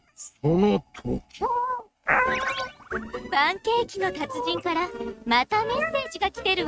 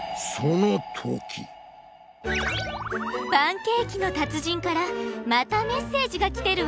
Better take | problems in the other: second | noise reduction (neural mask model RNNoise)

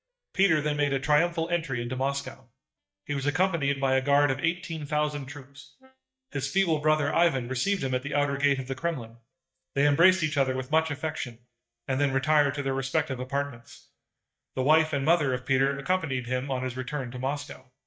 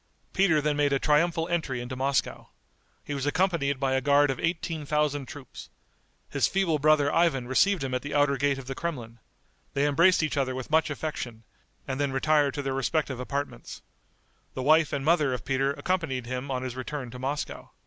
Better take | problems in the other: second | noise reduction (neural mask model DeepFilterNet 3)

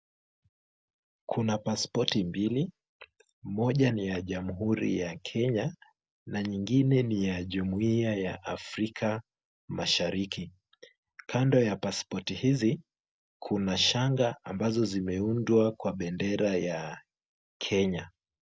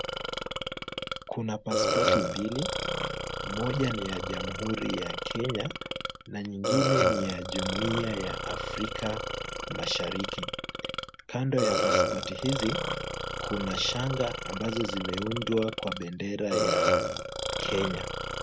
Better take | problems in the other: first | background sound (Burping, eructation); 2 dB above the speech

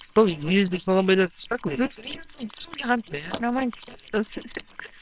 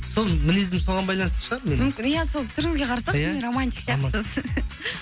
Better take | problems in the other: second | noise reduction (neural separator model SepFormer WHAMR!)

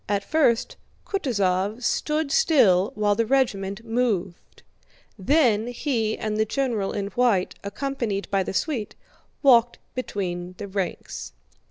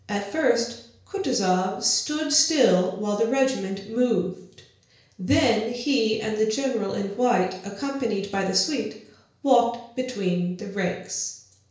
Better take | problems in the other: first | room echo; dies away in 0.5 s

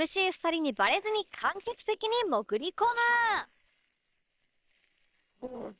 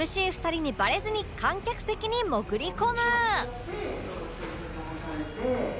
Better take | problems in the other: second | noise reduction (neural separator model SepFormer WHAM!)

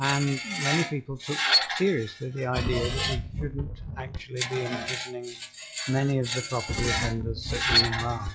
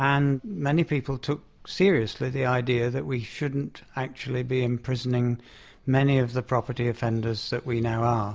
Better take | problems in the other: second | noise reduction (classical method log-MMSE)

